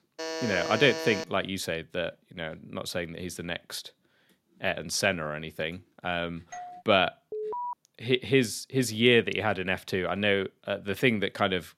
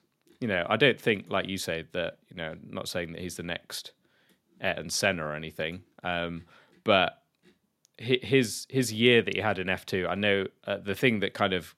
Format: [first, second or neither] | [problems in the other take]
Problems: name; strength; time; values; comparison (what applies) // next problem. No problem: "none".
second | alarm; noticeable; until 1 s and at 7.5 s; peak 5 dB below the speech // doorbell; faint; at 6.5 s; peak 15 dB below the speech